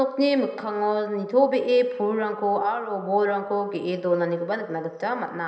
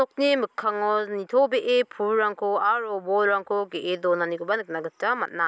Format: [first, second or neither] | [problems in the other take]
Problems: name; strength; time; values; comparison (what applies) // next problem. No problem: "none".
second | room echo; dies away in 0.9 s